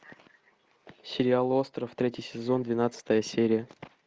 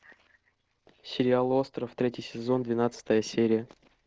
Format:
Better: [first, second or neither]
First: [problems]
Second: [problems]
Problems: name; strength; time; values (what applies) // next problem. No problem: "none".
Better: first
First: none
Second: noise reduction (neural separator model SepFormer DNS4)